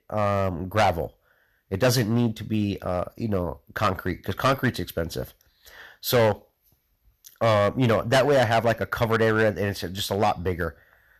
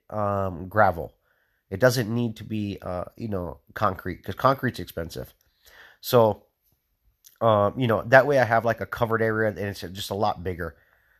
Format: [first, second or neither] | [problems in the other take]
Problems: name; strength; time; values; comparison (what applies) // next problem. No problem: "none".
second | distortion; heavy; 6% of the sound clipped